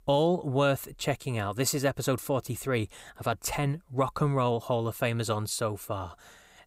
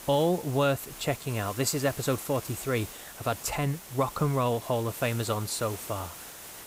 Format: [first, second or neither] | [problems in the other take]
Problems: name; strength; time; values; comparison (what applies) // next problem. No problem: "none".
first | hiss; noticeable; throughout; 10 dB below the speech